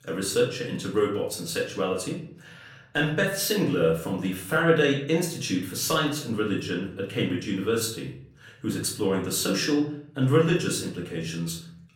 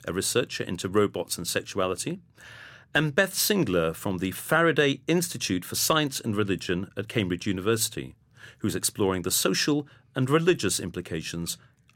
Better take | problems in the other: second | off-mic speech; far // room echo; slight; dies away in 0.5 s

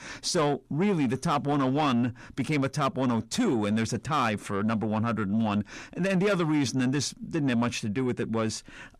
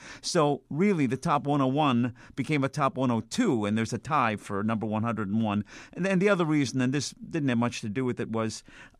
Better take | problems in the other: second | distortion; slight; 10 dB below the speech

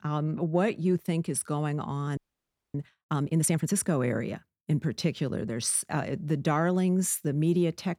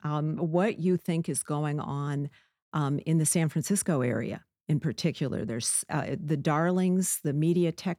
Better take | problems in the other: second | audio freezing; at 2 s for 0.5 s

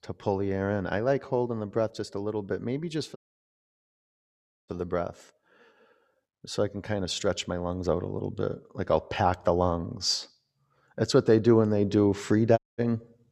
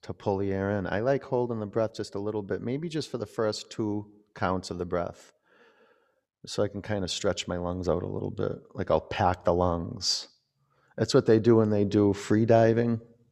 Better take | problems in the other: second | audio cutting out; at 3 s for 1.5 s and at 13 s

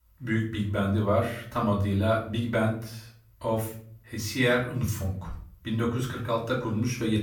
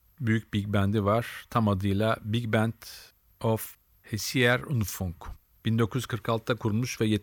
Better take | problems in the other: second | off-mic speech; far // room echo; slight; dies away in 0.5 s

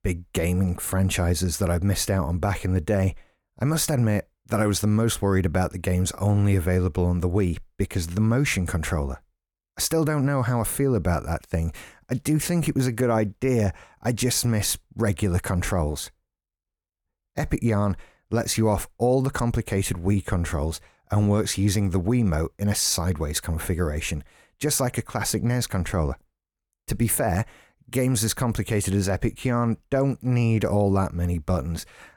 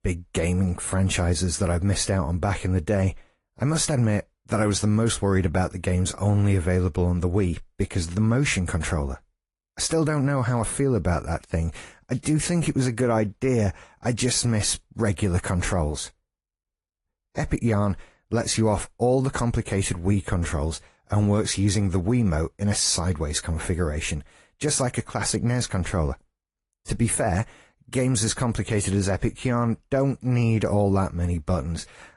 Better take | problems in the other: first | garbled, watery; slightly; nothing above 11 kHz

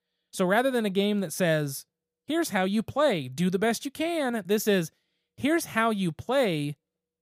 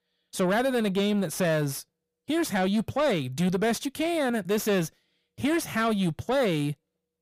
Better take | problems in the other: first | distortion; slight; 10 dB below the speech

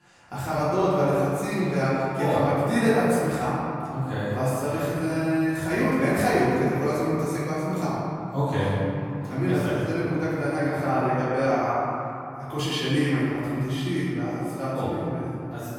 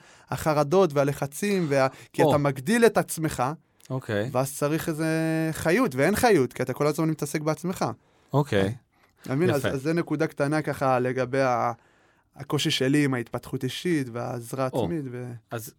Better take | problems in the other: second | room echo; strong; dies away in 3 s // off-mic speech; far

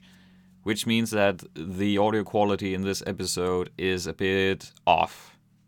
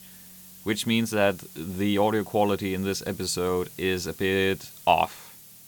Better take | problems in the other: first | hiss; noticeable; throughout; 20 dB below the speech

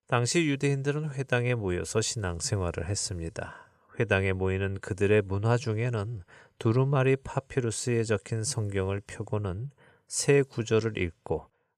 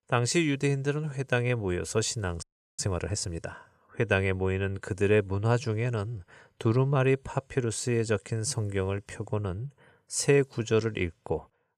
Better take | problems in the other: first | audio freezing; at 2.5 s

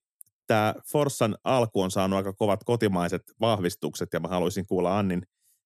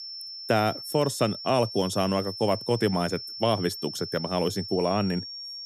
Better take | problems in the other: first | high-pitched whine; loud; throughout; 5.5 kHz, 9 dB below the speech

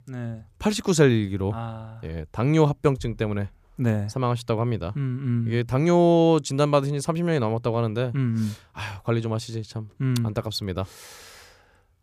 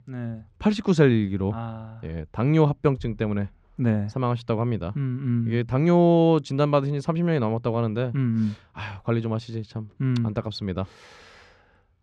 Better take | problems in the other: first | muffled; very slightly; fading above 3.5 kHz

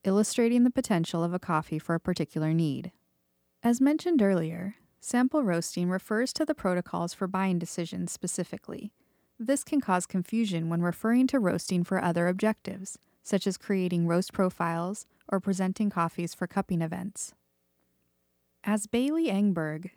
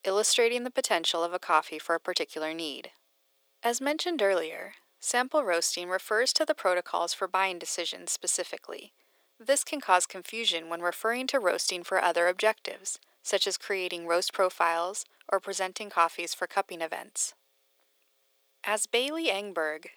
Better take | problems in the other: first | thin; very; fading below 450 Hz

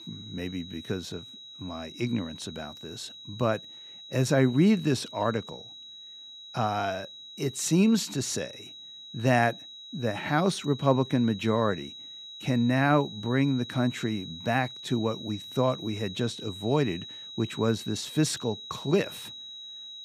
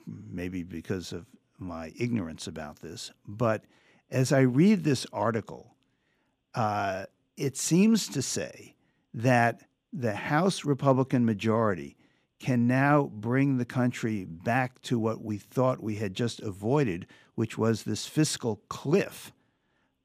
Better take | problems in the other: second | high-pitched whine; noticeable; throughout; 4 kHz, 15 dB below the speech

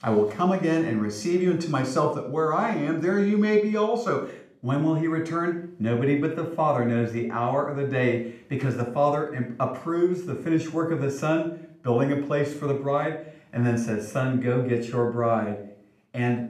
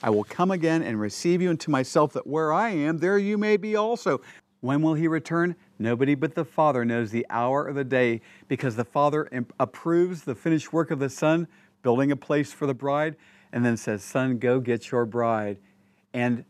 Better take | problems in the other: second | off-mic speech; somewhat distant // room echo; slight; dies away in 0.4 s

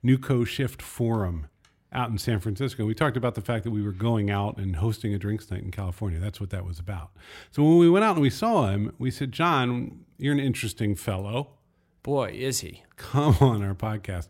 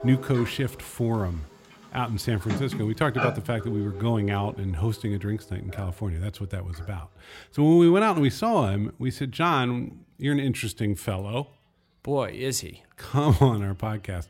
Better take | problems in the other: first | animal sounds; noticeable; throughout; 10 dB below the speech

